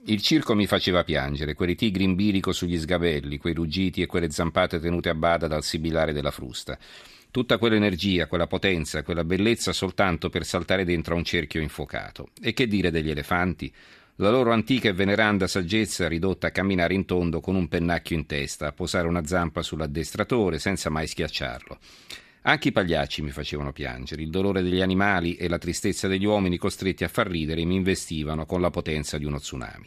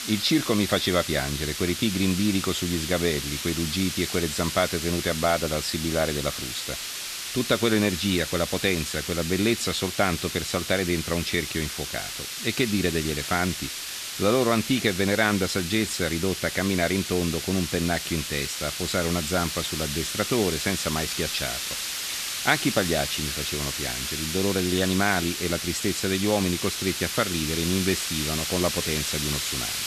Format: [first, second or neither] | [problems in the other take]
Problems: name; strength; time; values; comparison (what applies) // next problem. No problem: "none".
first | hiss; loud; throughout; 3 dB below the speech